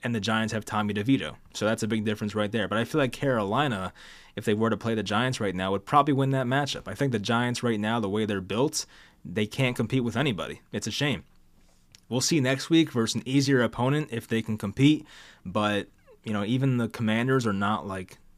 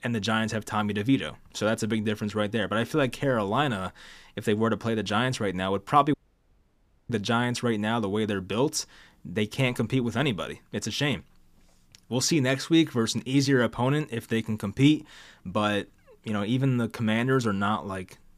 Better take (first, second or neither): first